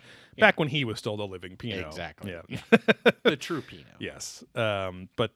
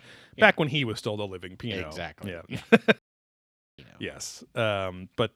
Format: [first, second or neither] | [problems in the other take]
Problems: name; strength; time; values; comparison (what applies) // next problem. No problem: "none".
first | audio cutting out; at 3 s for 1 s